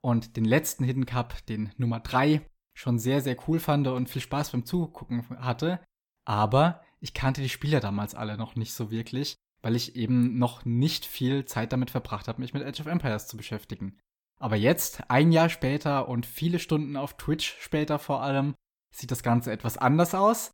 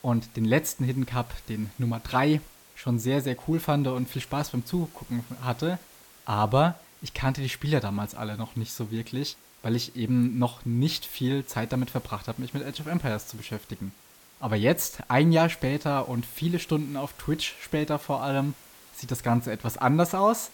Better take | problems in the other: first | hiss; faint; throughout; 25 dB below the speech

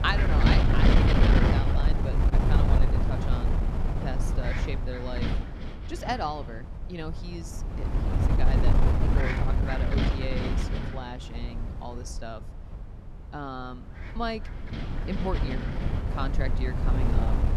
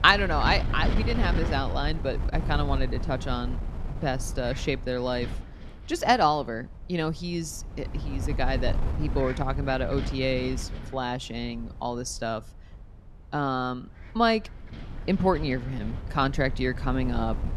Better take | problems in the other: second | wind noise on the microphone; heavy; 2 dB above the speech; occasional gusts in the second

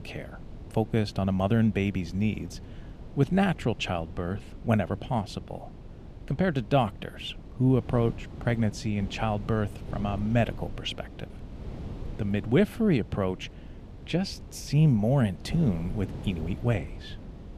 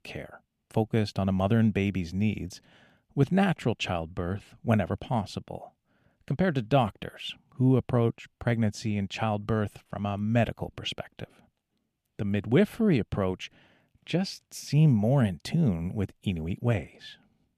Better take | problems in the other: second | wind noise on the microphone; occasional gusts; 20 dB below the speech

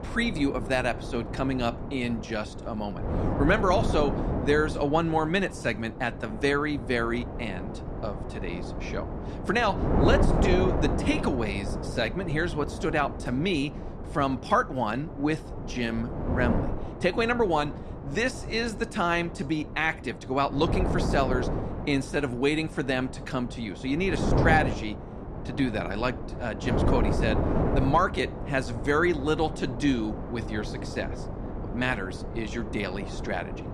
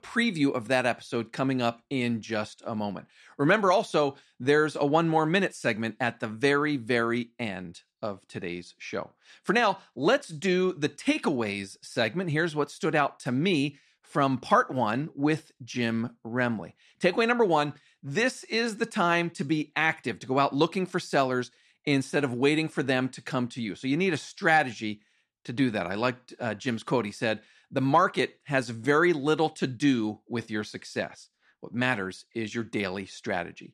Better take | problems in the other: second | wind noise on the microphone; heavy; 8 dB below the speech

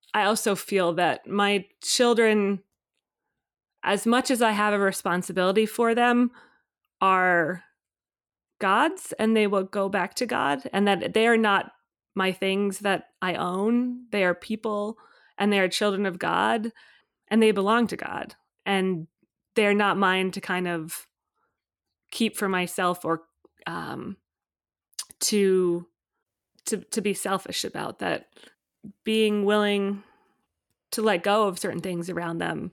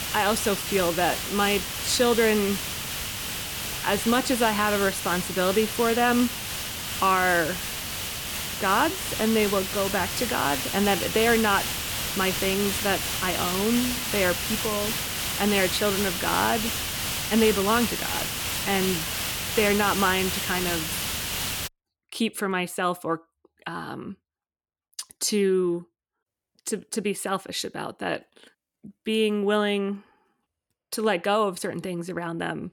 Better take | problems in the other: first | hiss; loud; until 22 s; 2 dB below the speech

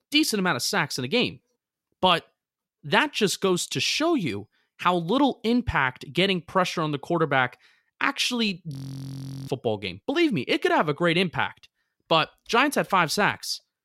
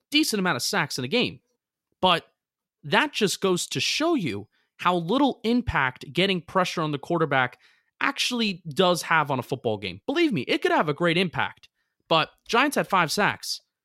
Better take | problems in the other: second | audio freezing; at 8.5 s for 0.5 s

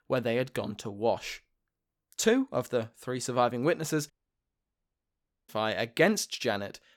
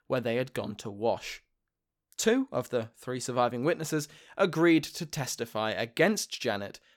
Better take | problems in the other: second | audio cutting out; at 4 s for 1.5 s

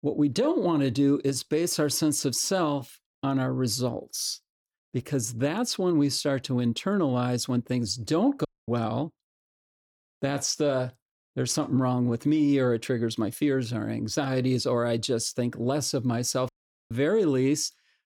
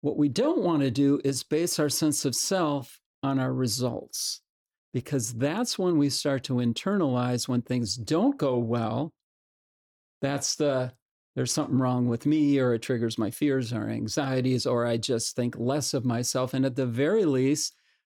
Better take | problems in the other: second | audio cutting out; at 8.5 s and at 16 s

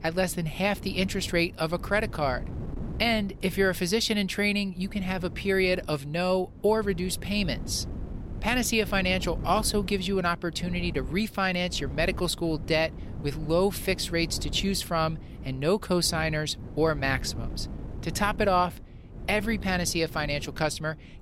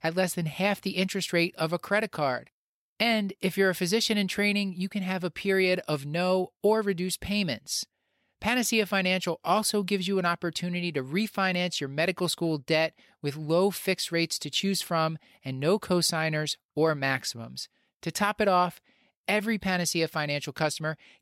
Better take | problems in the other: second | wind noise on the microphone; occasional gusts; 20 dB below the speech

